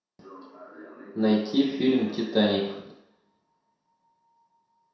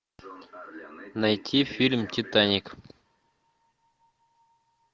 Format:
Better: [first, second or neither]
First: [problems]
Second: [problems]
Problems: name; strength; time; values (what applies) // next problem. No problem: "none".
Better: second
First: room echo; dies away in 0.7 s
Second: none